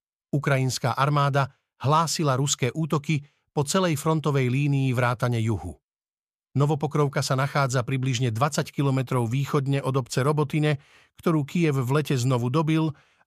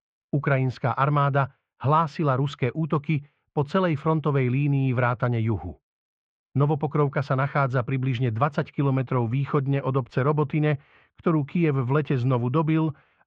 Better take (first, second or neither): first